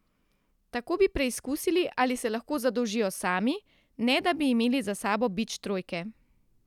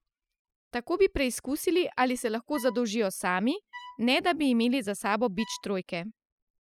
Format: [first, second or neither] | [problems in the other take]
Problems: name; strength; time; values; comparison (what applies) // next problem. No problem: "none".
first | noise reduction (classical method spectral subtraction)